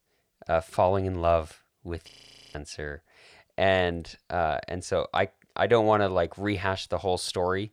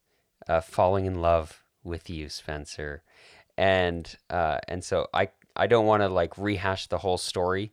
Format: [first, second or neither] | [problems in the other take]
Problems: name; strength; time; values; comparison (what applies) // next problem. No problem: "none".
second | audio freezing; at 2 s